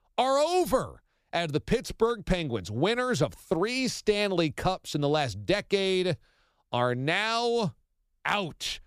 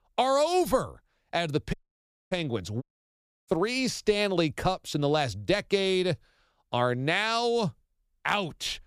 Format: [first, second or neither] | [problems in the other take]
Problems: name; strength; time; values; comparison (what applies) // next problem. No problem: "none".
first | audio cutting out; at 1.5 s for 0.5 s and at 3 s for 0.5 s